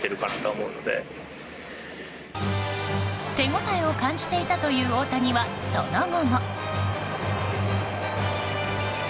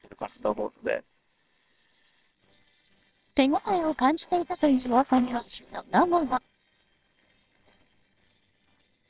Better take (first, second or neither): first